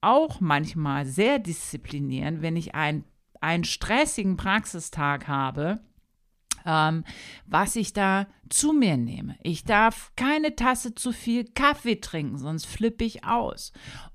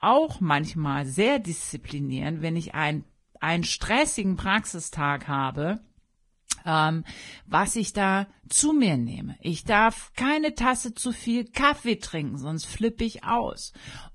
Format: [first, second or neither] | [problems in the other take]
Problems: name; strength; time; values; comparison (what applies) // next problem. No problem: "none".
first | garbled, watery; badly; nothing above 10 kHz